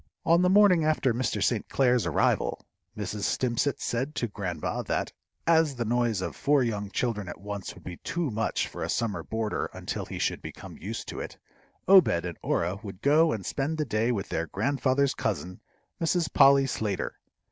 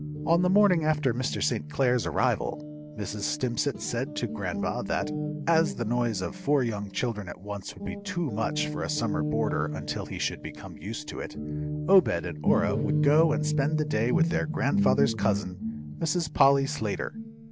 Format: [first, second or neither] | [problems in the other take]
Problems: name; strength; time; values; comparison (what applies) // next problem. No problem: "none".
first | background sound (Guitar); 4 dB below the speech